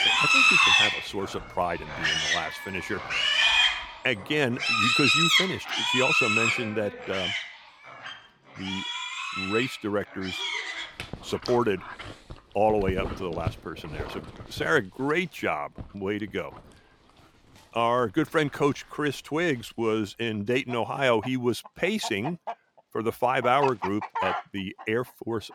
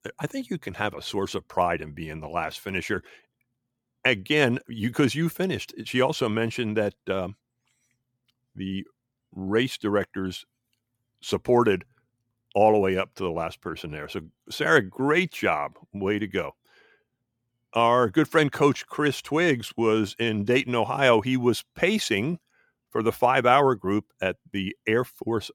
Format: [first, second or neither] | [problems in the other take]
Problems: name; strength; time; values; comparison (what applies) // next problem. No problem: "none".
second | animal sounds; very loud; throughout; 5 dB above the speech